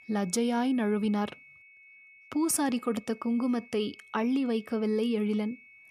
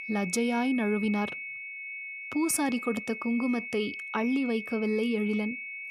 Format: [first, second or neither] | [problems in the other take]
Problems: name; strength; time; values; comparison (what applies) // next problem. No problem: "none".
first | high-pitched whine; loud; throughout; 2 kHz, 7 dB below the speech; faint in the first